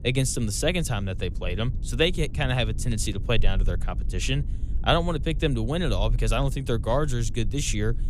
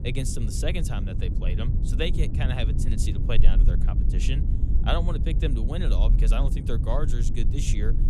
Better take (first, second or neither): first